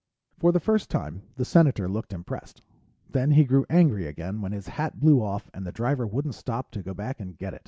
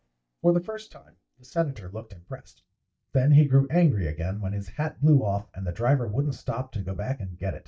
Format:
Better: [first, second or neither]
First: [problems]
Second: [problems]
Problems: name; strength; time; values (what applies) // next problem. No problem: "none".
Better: first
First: none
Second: noise reduction (neural mask model DeepFilterNet 3)